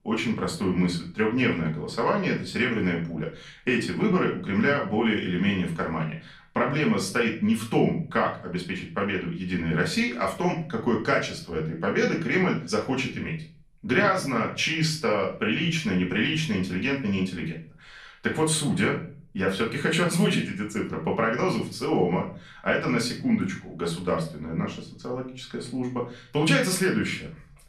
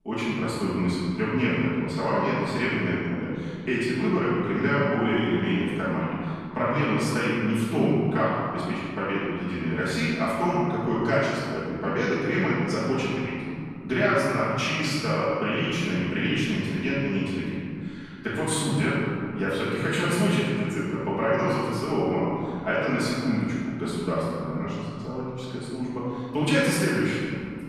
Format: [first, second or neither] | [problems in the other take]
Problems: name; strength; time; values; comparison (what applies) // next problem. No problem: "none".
first | room echo; strong; dies away in 2.5 s; slight in the first // off-mic speech; far; far in the first